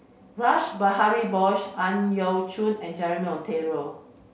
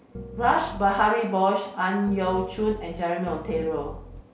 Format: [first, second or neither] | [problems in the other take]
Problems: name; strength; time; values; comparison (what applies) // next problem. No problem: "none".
first | background sound (Piano); 12 dB below the speech